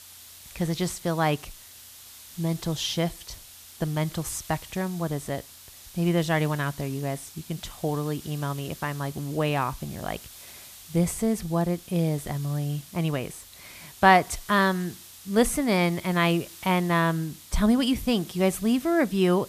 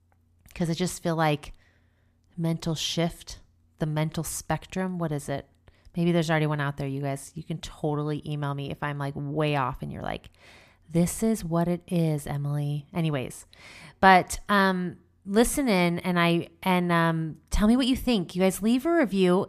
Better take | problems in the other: second | hiss; noticeable; throughout; 20 dB below the speech

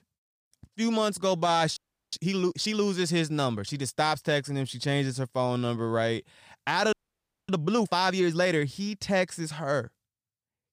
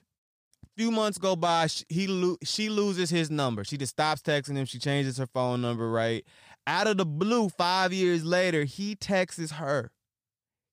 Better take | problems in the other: second | audio freezing; at 2 s and at 7 s for 0.5 s

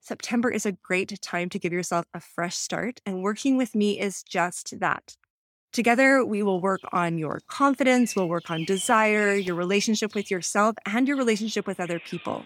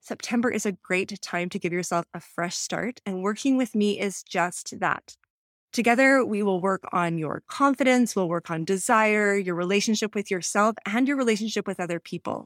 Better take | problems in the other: second | animal sounds; noticeable; from 6.5 s on; 15 dB below the speech

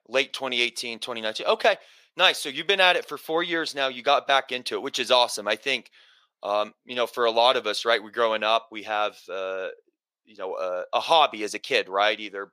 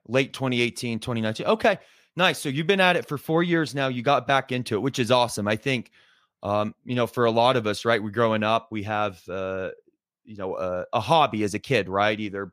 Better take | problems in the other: second | thin; somewhat; fading below 500 Hz

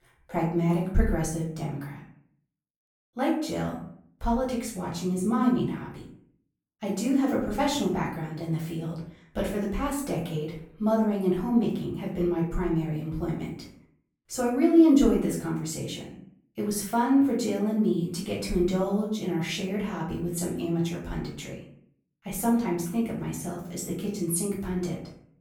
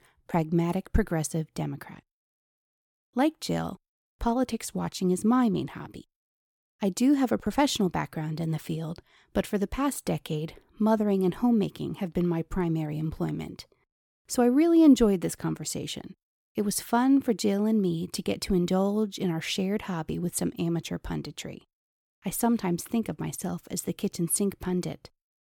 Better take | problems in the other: second | off-mic speech; far // room echo; noticeable; dies away in 0.5 s

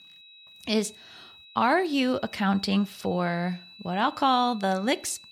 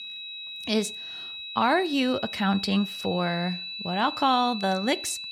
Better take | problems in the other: first | high-pitched whine; loud; throughout; 4 kHz, 8 dB below the speech; faint in the first

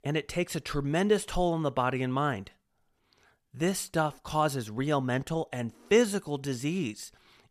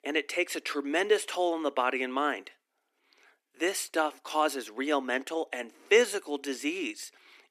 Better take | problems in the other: first | thin; somewhat; fading below 250 Hz

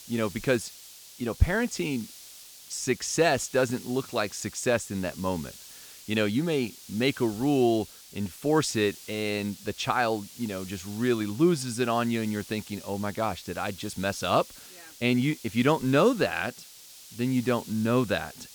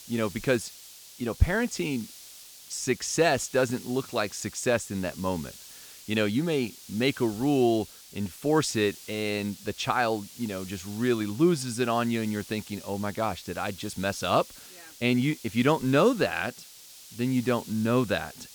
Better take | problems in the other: neither | hiss; noticeable; throughout; 15 dB below the speech; the same in both

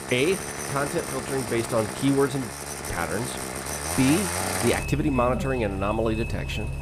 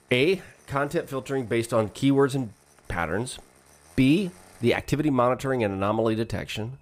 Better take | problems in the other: second | traffic noise; loud; throughout; 4 dB below the speech; faint in the second

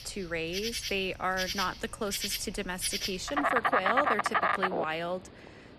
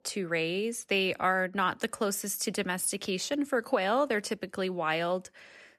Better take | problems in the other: second | animal sounds; very loud; throughout; 2 dB above the speech

